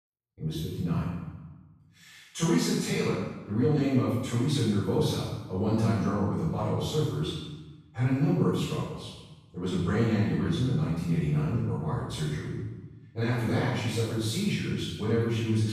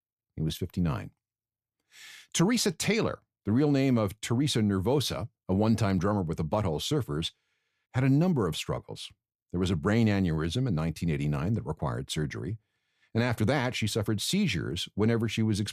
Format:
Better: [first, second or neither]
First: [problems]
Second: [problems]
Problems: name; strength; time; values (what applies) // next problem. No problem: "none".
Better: second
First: off-mic speech; far // room echo; strong; dies away in 1 s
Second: none